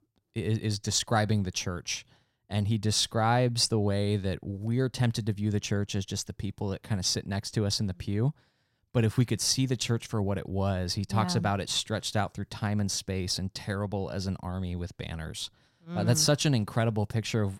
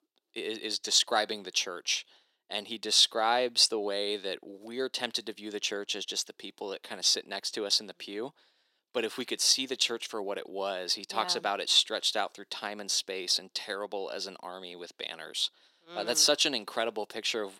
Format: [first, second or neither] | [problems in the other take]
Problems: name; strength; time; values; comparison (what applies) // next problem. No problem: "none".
first | thin; very; fading below 350 Hz